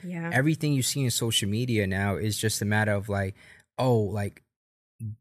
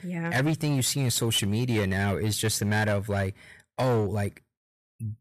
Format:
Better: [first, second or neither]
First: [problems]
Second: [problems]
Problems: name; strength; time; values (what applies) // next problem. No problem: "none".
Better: first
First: none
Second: distortion; slight; 11% of the sound clipped